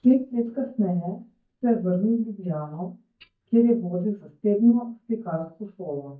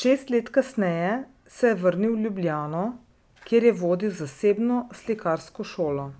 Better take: second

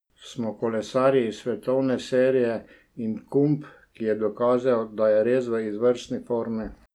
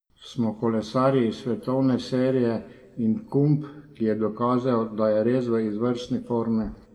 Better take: first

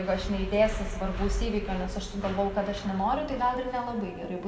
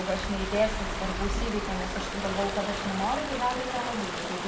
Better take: first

